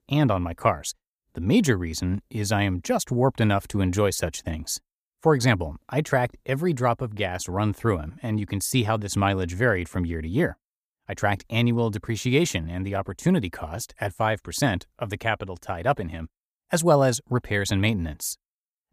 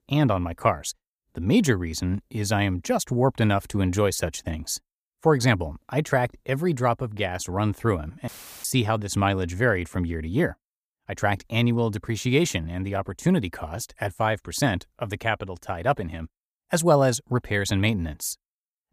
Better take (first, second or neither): first